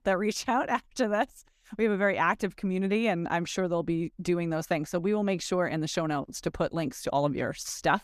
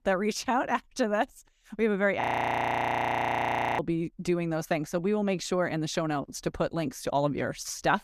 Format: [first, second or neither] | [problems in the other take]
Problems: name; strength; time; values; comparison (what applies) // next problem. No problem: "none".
first | audio freezing; at 2 s for 1.5 s